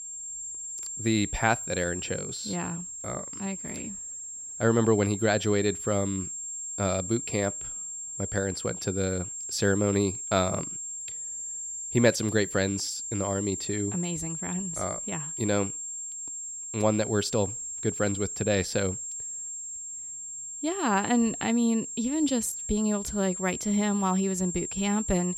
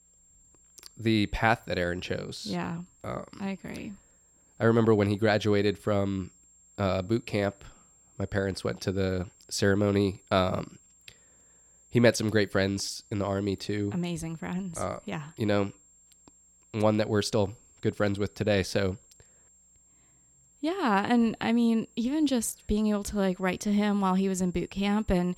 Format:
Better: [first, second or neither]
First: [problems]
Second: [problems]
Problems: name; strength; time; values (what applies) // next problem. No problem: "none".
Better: second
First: high-pitched whine; loud; throughout; 7.5 kHz, 5 dB below the speech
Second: high-pitched whine; faint; throughout; 7.5 kHz, 30 dB below the speech